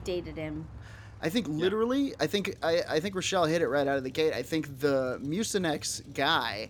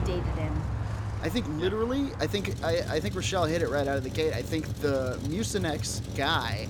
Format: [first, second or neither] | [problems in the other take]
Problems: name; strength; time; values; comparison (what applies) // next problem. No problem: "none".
first | traffic noise; loud; throughout; 5 dB below the speech; faint in the first